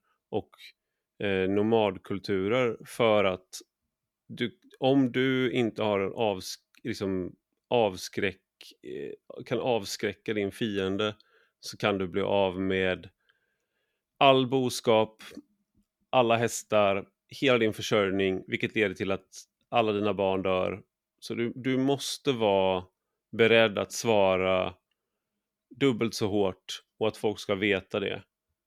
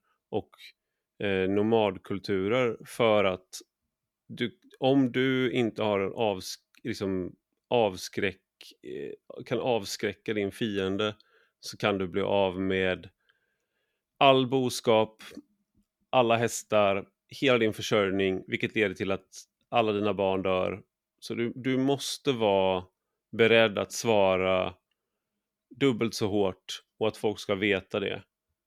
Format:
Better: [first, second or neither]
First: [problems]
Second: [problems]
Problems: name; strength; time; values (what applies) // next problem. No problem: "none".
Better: neither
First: none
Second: none